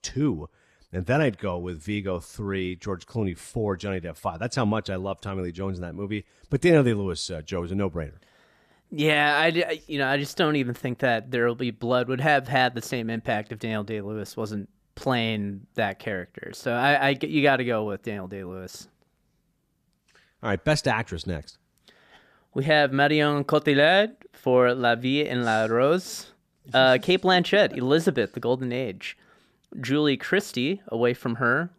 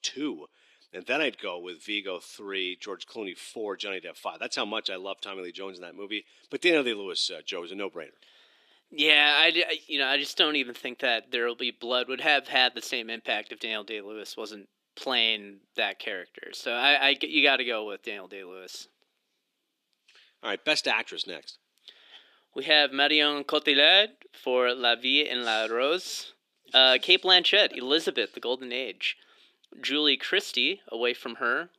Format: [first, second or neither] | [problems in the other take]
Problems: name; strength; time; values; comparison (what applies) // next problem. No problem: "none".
first | thin; very slightly; fading below 300 Hz